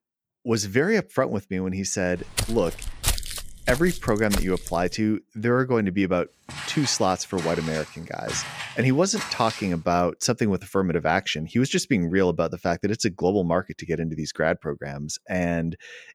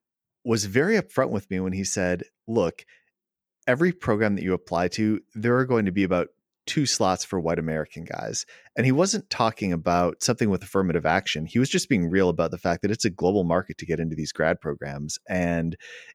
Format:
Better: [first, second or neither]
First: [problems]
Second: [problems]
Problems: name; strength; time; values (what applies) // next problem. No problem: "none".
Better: second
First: footsteps; noticeable; from 2 to 5 s and from 6.5 to 9.5 s; peak 1 dB below the speech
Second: none